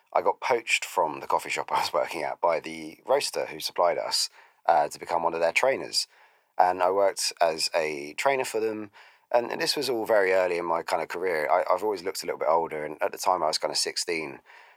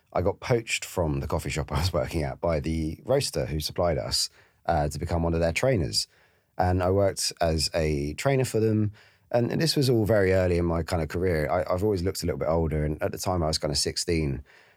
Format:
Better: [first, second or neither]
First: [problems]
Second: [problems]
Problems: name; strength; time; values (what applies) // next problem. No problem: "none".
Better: second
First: thin; very; fading below 500 Hz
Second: none